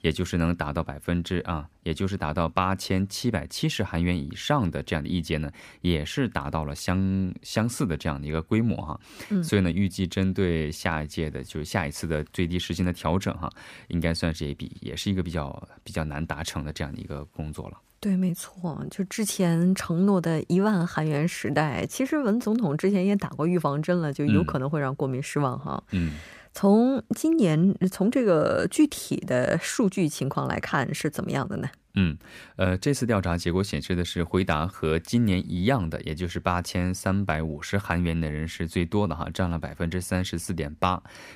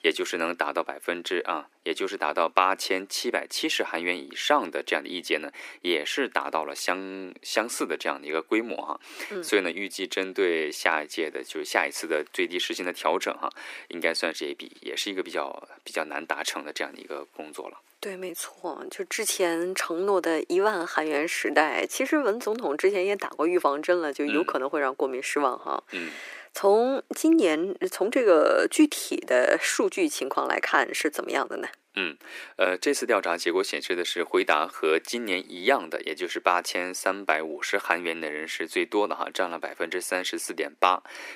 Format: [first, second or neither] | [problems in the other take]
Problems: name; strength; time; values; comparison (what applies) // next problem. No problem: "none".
first | thin; very; fading below 300 Hz